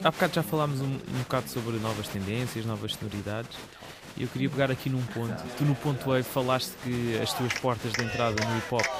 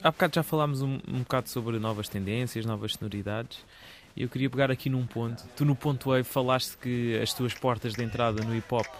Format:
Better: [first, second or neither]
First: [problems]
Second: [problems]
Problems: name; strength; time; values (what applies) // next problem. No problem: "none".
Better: second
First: crowd noise; loud; throughout; 7 dB below the speech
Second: crowd noise; faint; throughout; 20 dB below the speech